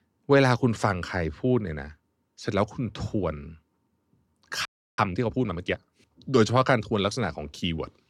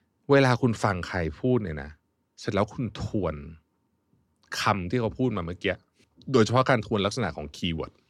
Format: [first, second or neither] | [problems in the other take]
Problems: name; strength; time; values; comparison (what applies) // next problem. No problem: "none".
second | audio freezing; at 4.5 s